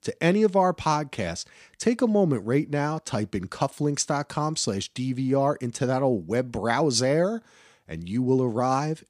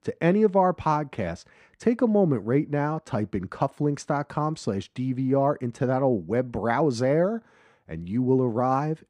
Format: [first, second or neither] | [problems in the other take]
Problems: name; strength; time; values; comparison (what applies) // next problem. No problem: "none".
first | muffled; slightly; fading above 3 kHz